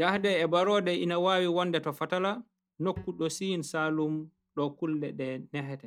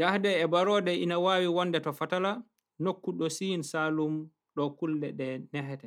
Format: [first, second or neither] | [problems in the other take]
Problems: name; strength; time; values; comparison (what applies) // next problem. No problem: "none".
second | noise reduction (neural mask model DeepFilterNet 3)